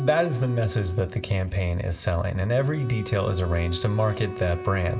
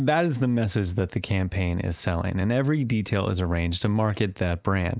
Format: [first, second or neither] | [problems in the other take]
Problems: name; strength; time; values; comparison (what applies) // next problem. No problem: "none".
second | background sound (Wind instrument, woodwind instrument); 14 dB below the speech // room echo; dies away in 1.8 s